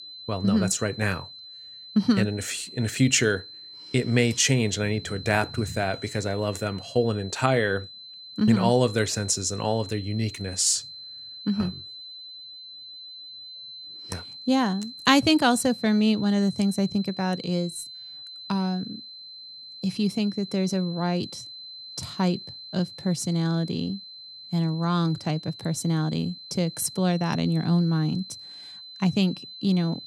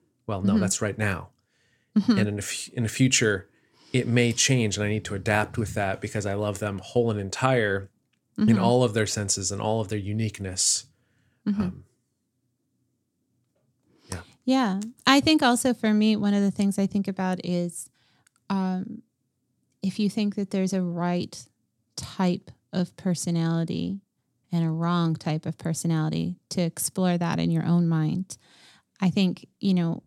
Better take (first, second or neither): second